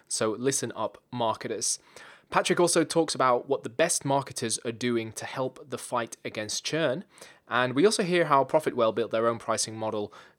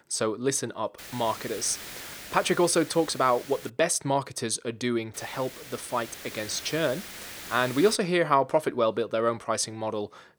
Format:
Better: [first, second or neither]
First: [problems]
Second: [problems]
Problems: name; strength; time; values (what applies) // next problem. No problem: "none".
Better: first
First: none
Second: hiss; noticeable; from 1 to 3.5 s and from 5 to 8 s; 15 dB below the speech